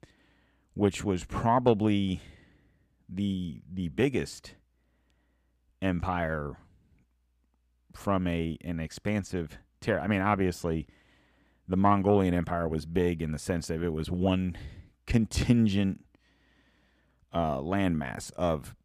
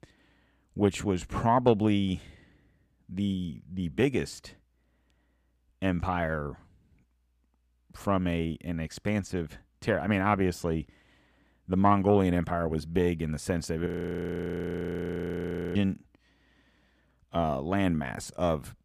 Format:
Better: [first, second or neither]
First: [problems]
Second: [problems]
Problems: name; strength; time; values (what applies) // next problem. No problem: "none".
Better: first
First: none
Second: audio freezing; at 14 s for 2 s